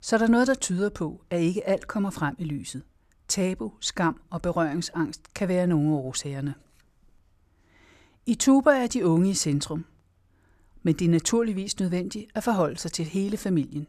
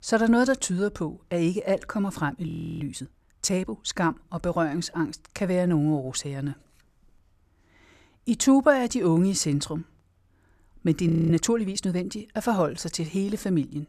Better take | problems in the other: first | audio freezing; at 2.5 s and at 11 s

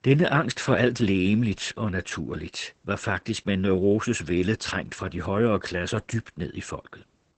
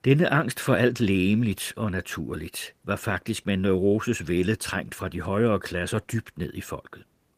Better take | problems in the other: second | garbled, watery; badly; nothing above 8 kHz; slightly in the second

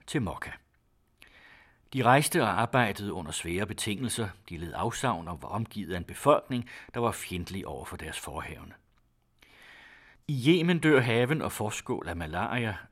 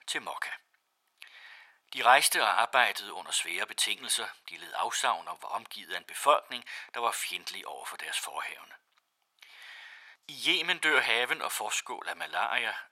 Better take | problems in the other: first | thin; very; fading below 950 Hz

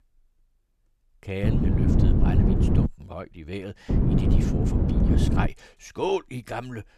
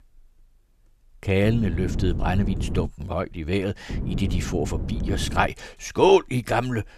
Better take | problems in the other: second | wind noise on the microphone; heavy; from 1.5 to 3 s and from 4 to 5.5 s; 2 dB above the speech; occasional gusts in the second

